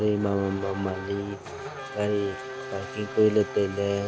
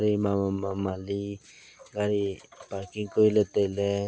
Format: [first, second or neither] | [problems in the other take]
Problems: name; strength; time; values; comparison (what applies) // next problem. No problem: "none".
second | background sound (Race car, auto racing / Accelerating, revving, vroom); 10 dB below the speech